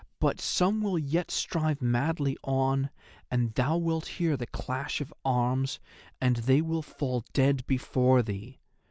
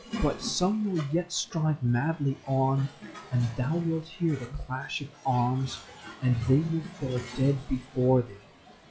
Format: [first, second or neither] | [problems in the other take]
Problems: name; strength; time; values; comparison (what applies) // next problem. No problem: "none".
first | noise reduction (classical method log-MMSE)